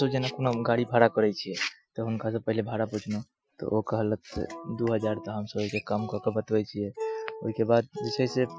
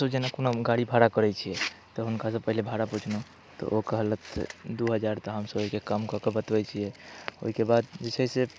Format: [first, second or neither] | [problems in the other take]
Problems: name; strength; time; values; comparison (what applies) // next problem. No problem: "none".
second | noise reduction (classical method Wiener filter)